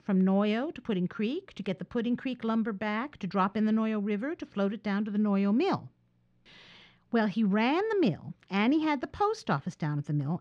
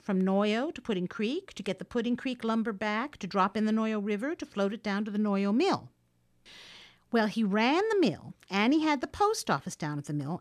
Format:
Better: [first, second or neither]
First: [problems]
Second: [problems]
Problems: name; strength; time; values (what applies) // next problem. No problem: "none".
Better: second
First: muffled; very slightly; fading above 4 kHz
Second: none